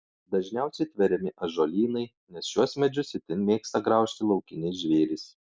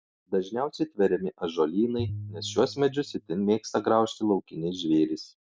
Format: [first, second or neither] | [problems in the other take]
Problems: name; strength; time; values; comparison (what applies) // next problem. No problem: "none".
first | background sound (Piano); 12 dB below the speech